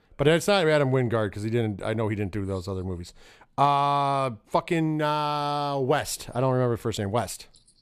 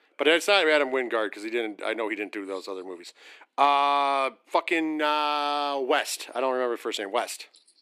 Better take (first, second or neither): first